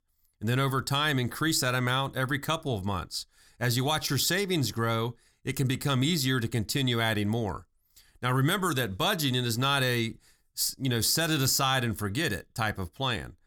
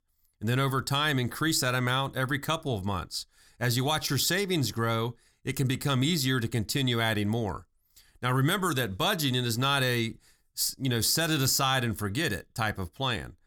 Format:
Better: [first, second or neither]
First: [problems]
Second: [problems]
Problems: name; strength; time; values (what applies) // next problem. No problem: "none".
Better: neither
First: none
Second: none